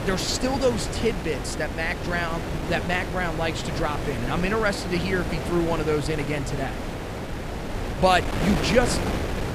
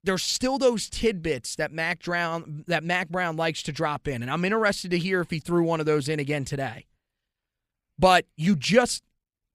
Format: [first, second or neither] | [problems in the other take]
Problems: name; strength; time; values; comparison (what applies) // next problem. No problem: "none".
second | wind noise on the microphone; heavy; 6 dB below the speech